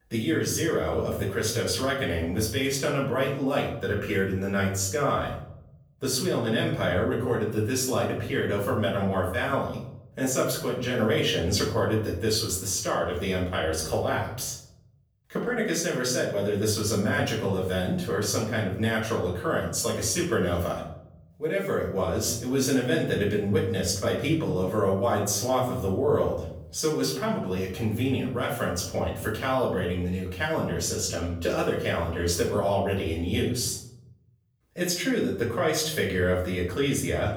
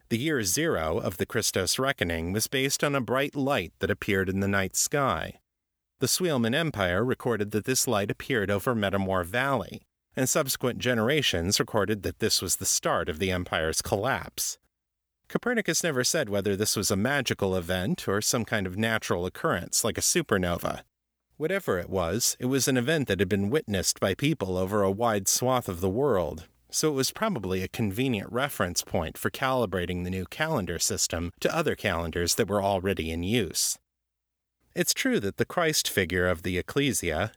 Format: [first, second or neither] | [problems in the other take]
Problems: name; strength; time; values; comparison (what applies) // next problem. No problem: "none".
second | off-mic speech; far // room echo; noticeable; dies away in 0.8 s